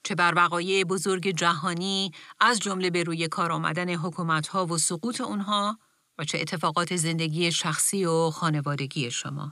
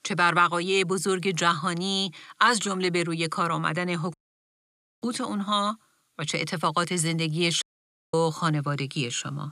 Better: first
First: none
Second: audio cutting out; at 4 s for 1 s and at 7.5 s for 0.5 s

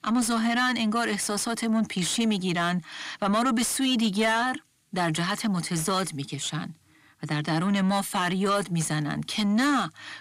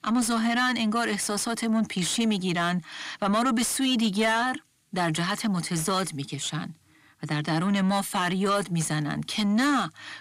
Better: neither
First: distortion; slight; 10 dB below the speech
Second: distortion; slight; 10 dB below the speech

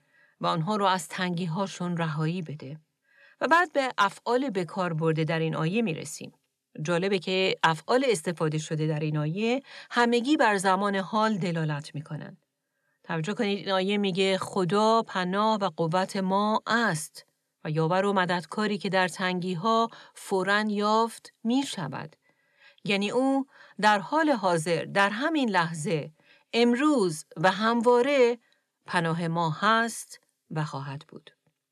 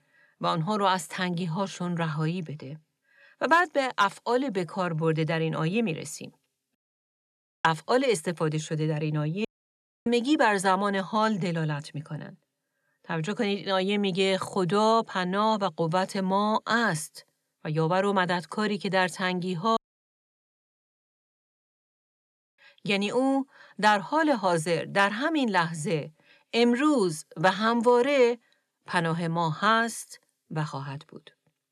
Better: first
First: none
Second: audio cutting out; at 7 s for 1 s, at 9.5 s for 0.5 s and at 20 s for 3 s

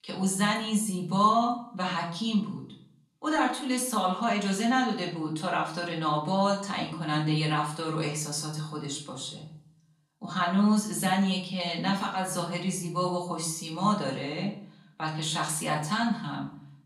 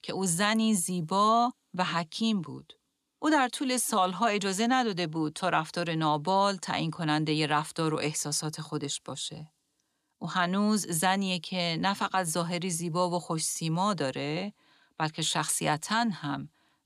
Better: second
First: off-mic speech; far // room echo; slight; dies away in 0.5 s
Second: none

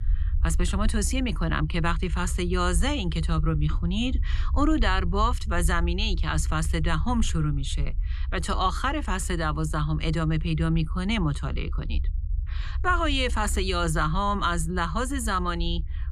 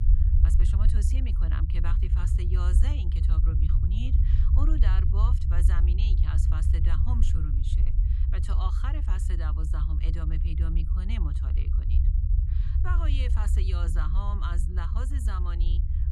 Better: first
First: low rumble; faint; throughout; 25 dB below the speech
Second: low rumble; loud; throughout; 3 dB below the speech

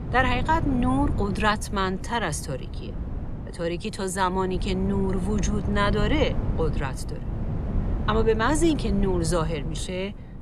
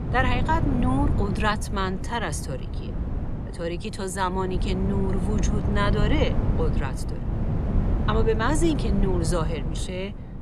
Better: first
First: wind noise on the microphone; occasional gusts; 15 dB below the speech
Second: wind noise on the microphone; heavy; 9 dB below the speech

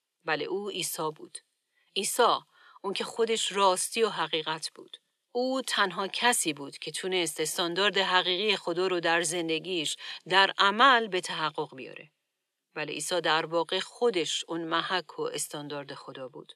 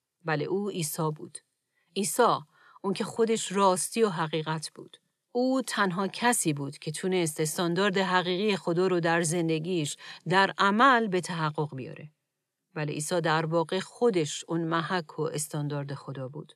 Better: second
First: thin; somewhat; fading below 350 Hz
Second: none

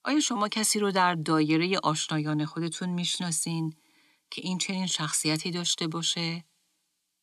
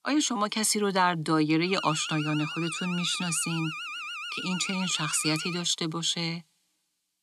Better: first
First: none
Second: alarm; noticeable; from 1.5 to 5.5 s; peak 7 dB below the speech

